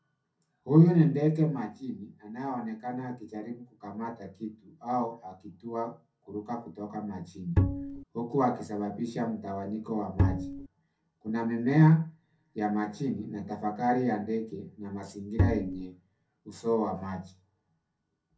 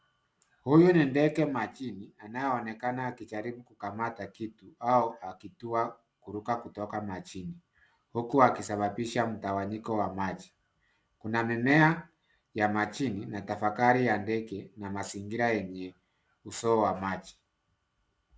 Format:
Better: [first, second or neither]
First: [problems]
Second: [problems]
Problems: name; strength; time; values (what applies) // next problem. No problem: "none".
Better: second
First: background sound (Bowed string instrument); 3 dB above the speech // room echo; dies away in 0.3 s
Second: none